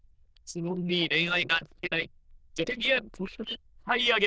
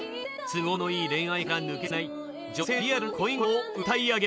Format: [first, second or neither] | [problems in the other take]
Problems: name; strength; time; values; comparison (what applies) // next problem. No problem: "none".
second | noise reduction (neural diffusion model UNIVERSE++)